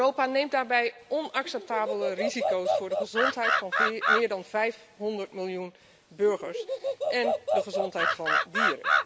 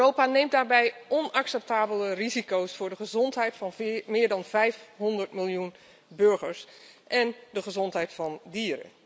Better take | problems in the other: second | background sound (Animal); as loud as the speech

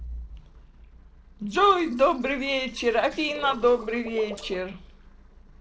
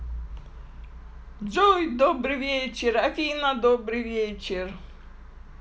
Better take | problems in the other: second | noise reduction (neural separator model SepFormer DNS4)

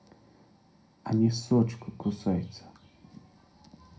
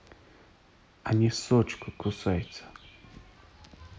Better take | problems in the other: second | room echo; dies away in 0.3 s

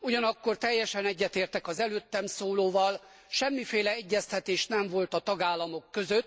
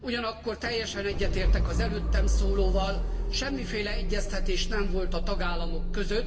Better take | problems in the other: first | background sound (Idling / Engine starting / Motor vehicle (road)); 5 dB above the speech // room echo; dies away in 2.1 s

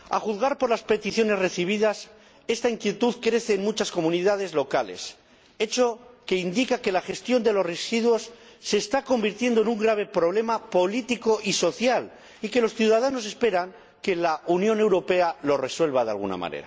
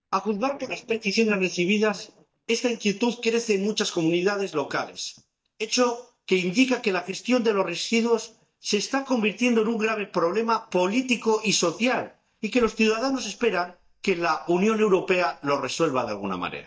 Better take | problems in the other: first | noise reduction (neural mask model DeepFilterNet 3)

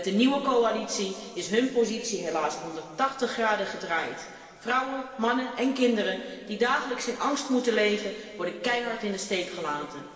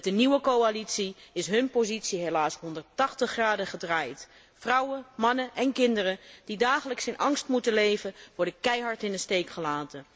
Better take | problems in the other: second | room echo; dies away in 2.2 s

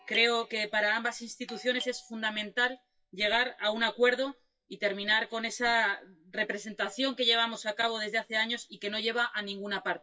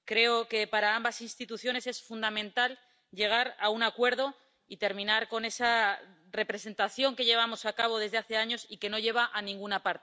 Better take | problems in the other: second | noise reduction (classical method WPE with log-MMSE)

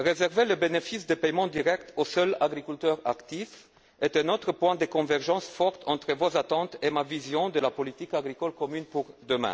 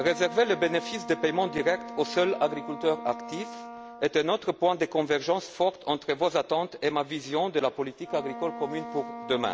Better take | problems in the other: first | background sound (Wind instrument, woodwind instrument); 13 dB below the speech

